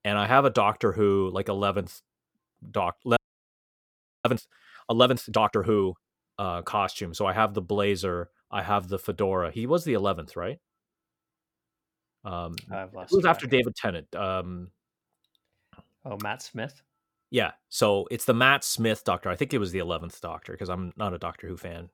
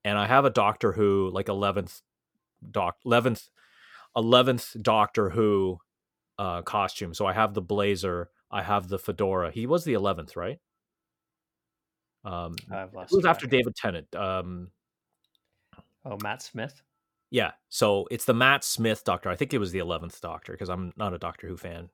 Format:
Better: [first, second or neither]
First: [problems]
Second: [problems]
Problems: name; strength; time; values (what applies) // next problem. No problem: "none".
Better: second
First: audio freezing; at 3 s for 1 s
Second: none